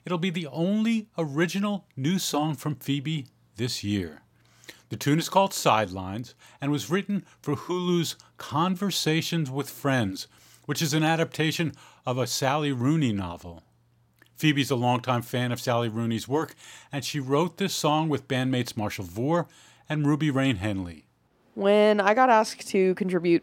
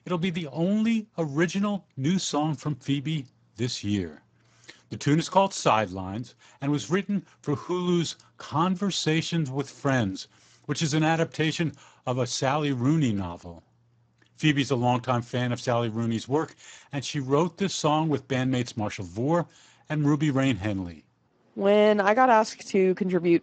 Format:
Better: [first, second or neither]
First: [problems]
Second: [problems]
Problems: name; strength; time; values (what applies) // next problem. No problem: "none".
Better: first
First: none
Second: garbled, watery; badly; nothing above 7.5 kHz